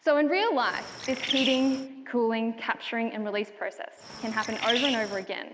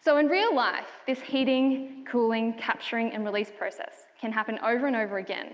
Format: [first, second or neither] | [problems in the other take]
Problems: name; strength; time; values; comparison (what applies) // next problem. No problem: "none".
second | background sound (Bird); 6 dB below the speech